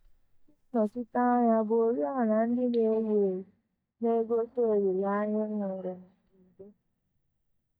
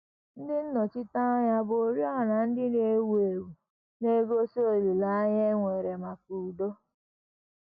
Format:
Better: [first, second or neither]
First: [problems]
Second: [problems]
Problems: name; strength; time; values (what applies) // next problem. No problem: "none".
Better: second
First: noise reduction (neural mask model DeepFilterNet 3)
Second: none